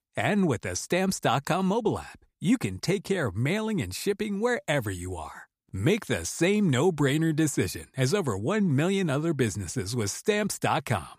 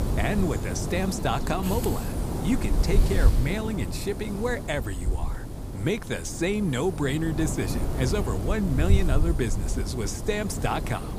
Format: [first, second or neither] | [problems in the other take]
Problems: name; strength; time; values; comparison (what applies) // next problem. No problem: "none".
first | wind noise on the microphone; heavy; 7 dB below the speech